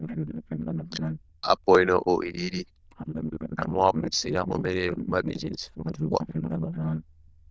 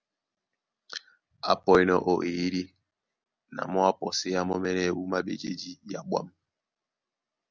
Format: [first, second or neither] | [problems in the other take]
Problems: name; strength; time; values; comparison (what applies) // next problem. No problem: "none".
second | noise reduction (neural diffusion model UNIVERSE++)